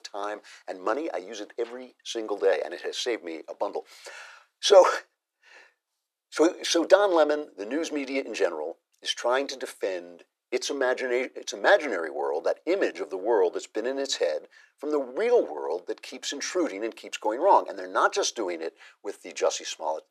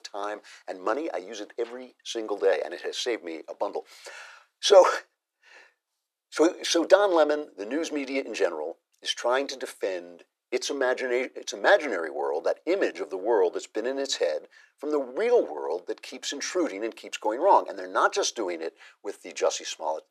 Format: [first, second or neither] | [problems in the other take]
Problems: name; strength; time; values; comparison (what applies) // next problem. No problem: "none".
neither | thin; very; fading below 400 Hz; the same in both